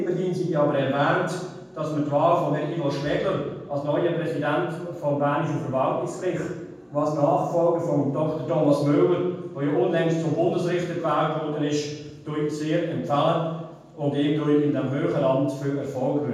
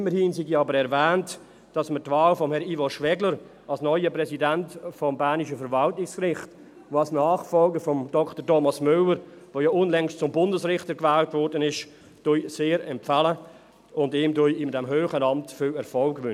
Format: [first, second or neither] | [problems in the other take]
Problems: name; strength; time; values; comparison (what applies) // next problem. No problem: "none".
second | room echo; dies away in 1.2 s